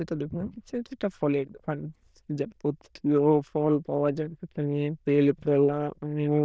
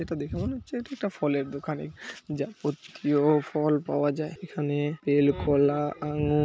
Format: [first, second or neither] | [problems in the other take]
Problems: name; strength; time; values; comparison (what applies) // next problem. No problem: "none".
second | noise reduction (neural diffusion model UNIVERSE++)